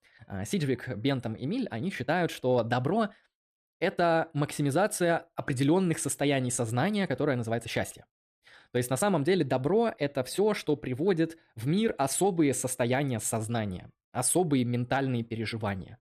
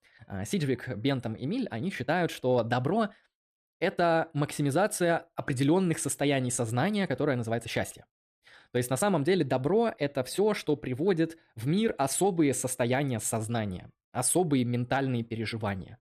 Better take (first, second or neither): neither